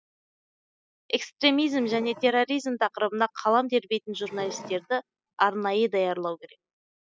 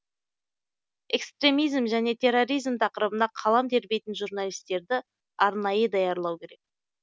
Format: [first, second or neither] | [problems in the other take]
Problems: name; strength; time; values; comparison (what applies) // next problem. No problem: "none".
second | noise reduction (classical method spectral subtraction)